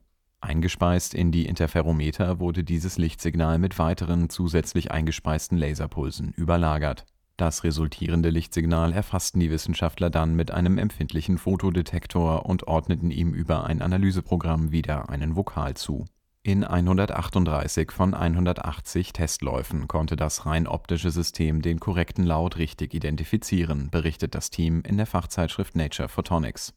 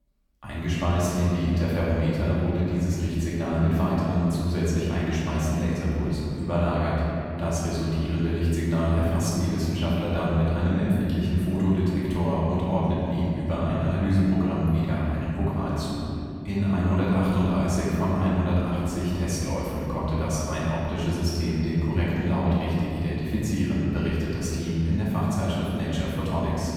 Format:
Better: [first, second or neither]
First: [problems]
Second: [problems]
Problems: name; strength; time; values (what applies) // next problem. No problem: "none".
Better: first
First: none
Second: room echo; strong; dies away in 2.7 s // off-mic speech; far